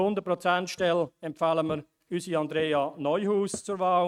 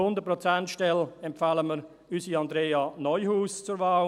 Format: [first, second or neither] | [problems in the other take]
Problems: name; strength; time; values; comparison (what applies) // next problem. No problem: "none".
second | noise reduction (neural mask model RNNoise)